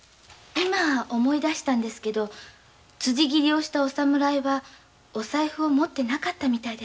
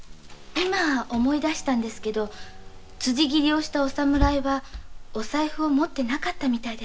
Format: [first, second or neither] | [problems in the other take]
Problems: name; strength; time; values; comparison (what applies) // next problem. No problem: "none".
first | background sound (Engine / Car); 9 dB below the speech